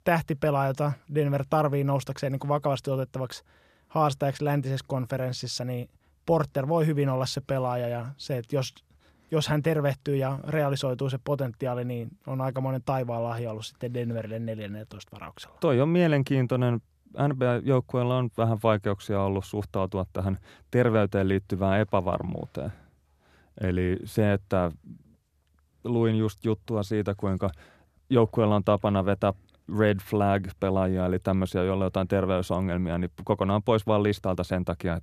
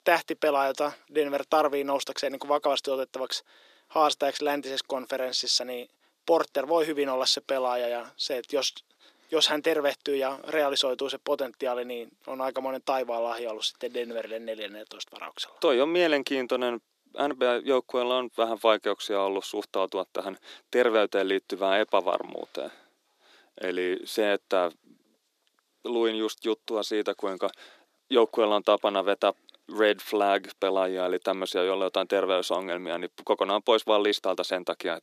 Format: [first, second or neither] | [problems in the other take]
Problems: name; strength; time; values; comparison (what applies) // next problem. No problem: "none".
first | thin; somewhat; fading below 300 Hz